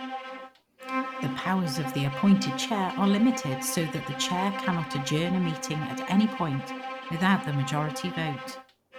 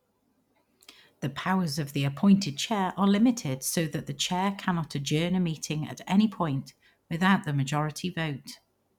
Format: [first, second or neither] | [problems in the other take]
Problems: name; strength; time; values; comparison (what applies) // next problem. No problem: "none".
second | background sound (Bowed string instrument); 7 dB below the speech